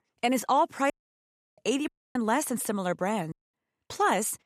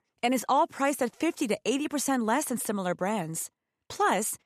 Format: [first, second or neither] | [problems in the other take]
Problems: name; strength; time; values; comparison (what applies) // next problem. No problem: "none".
second | audio cutting out; at 1 s for 0.5 s, at 2 s and at 3.5 s